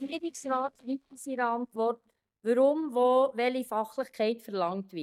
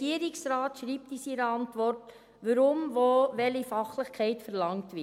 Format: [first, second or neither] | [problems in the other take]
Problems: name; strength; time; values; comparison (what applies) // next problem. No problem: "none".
second | noise reduction (neural mask model DeepFilterNet 3)